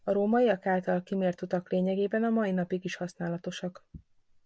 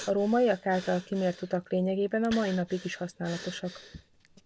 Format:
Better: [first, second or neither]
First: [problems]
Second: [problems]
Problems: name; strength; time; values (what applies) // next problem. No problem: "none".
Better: first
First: none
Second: background sound (Breathing); 18 dB below the speech